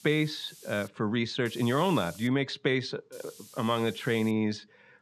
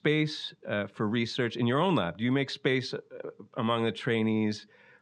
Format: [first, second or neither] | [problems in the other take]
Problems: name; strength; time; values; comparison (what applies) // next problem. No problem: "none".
second | hiss; noticeable; at the start, at 1.5 s and from 3 to 4.5 s; 20 dB below the speech